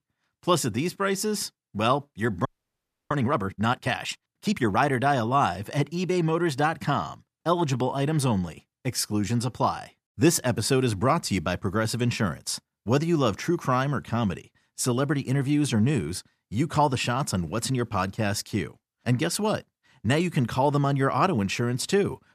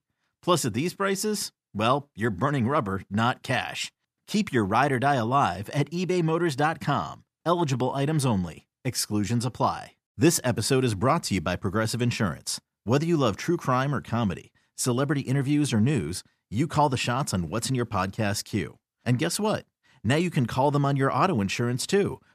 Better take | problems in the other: second | audio freezing; at 2.5 s for 0.5 s

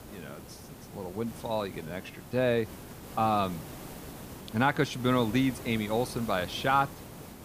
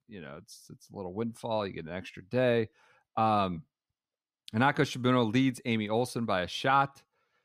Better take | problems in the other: second | hiss; noticeable; throughout; 15 dB below the speech

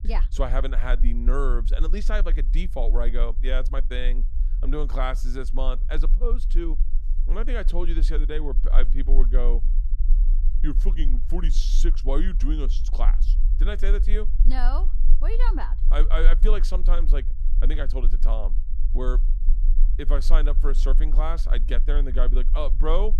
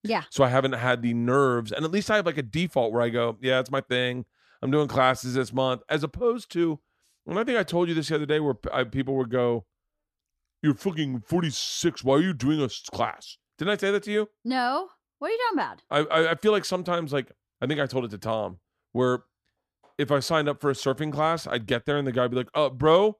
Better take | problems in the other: second | low rumble; noticeable; throughout; 15 dB below the speech

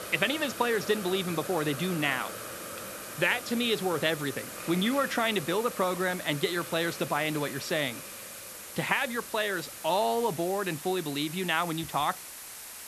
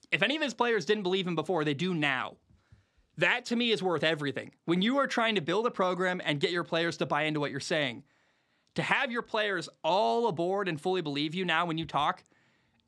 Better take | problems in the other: second | hiss; loud; throughout; 10 dB below the speech

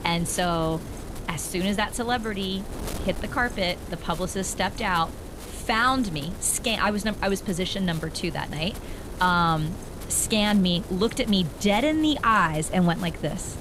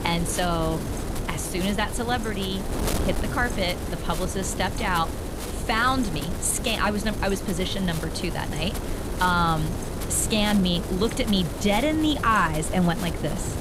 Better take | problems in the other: first | wind noise on the microphone; heavy; 9 dB below the speech; occasional gusts in the first

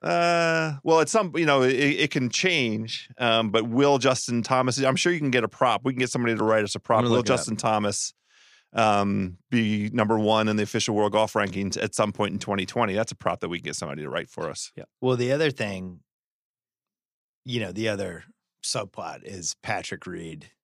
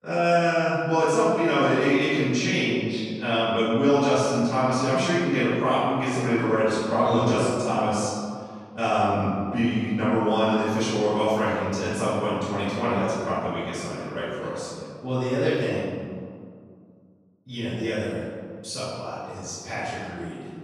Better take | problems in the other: first | off-mic speech; far // room echo; strong; dies away in 1.9 s

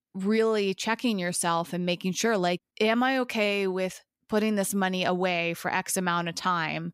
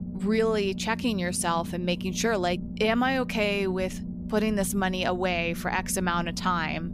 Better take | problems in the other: first | low rumble; noticeable; throughout; 15 dB below the speech

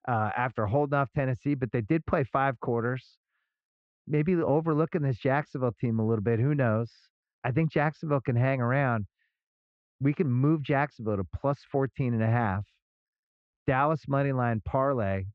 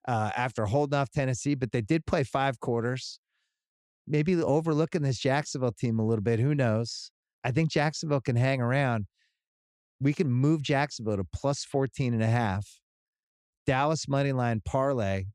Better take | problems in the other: second | muffled; very; fading above 2.5 kHz

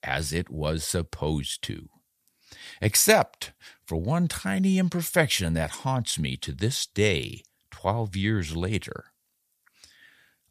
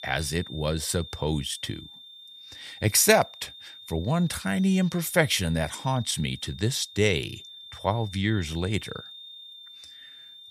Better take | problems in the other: first | high-pitched whine; noticeable; throughout; 3.5 kHz, 15 dB below the speech

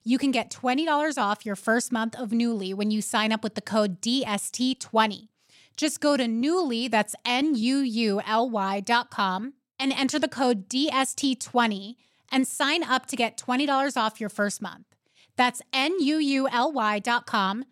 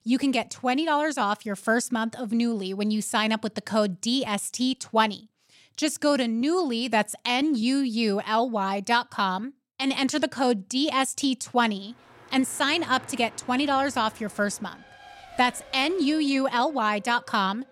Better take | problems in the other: first | traffic noise; faint; from 12 s on; 20 dB below the speech

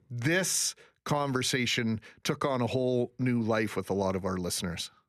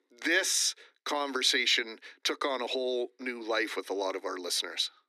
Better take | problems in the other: first | thin; somewhat; fading below 250 Hz

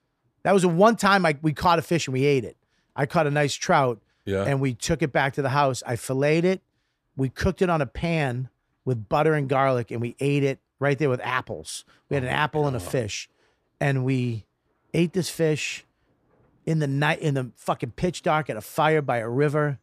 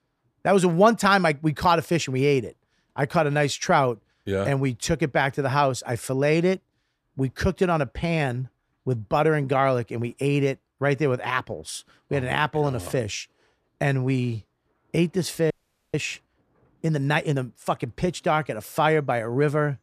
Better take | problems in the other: first | audio freezing; at 16 s

